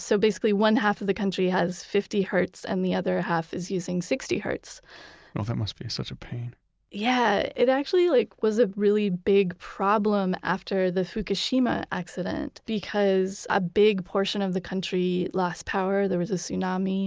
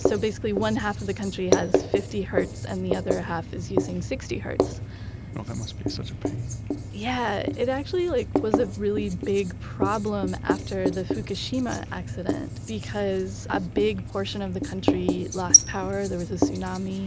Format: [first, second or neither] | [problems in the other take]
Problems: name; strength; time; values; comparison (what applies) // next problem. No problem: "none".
first | background sound (Writing); 1 dB above the speech